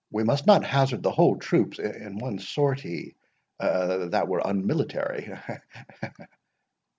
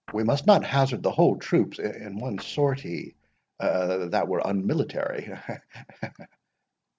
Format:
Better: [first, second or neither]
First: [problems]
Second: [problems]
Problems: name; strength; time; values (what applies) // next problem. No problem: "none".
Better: first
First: none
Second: noise reduction (neural separator model SepFormer DNS4)